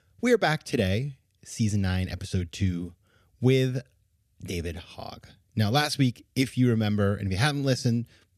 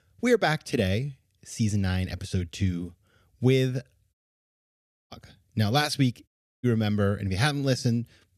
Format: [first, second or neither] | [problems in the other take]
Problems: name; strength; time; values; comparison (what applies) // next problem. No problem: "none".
first | audio cutting out; at 4 s for 1 s and at 6.5 s